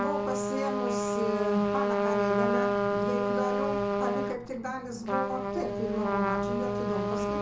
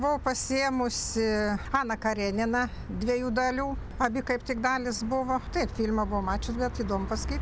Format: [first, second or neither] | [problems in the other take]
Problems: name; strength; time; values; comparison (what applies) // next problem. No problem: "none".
second | background sound (Trumpet); 4 dB above the speech // room echo; dies away in 0.6 s